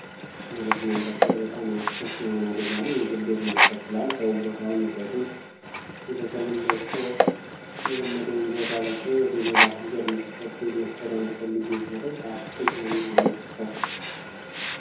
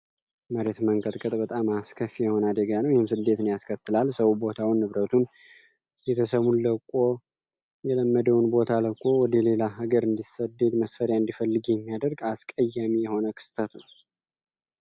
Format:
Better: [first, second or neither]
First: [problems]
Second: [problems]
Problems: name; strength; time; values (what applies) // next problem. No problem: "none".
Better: second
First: background sound (Sink (filling or washing)); as loud as the speech // room echo; dies away in 0.7 s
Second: none